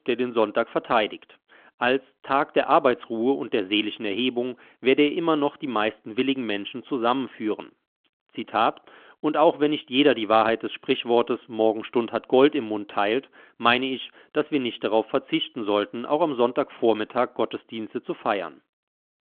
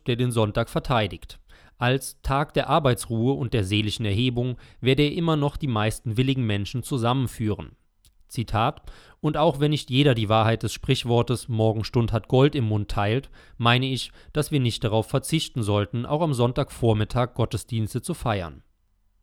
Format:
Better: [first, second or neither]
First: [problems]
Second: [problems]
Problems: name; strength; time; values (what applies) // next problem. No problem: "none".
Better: second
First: phone-call audio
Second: none